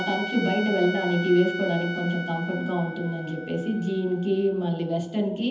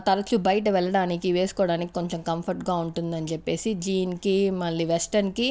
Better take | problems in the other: second | background sound (Trumpet); 10 dB below the speech // room echo; dies away in 0.8 s

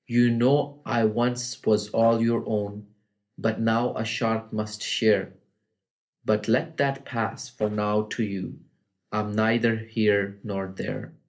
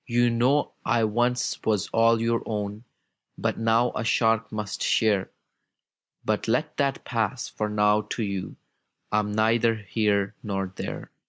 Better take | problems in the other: second | noise reduction (neural separator model SepFormer DNS4)

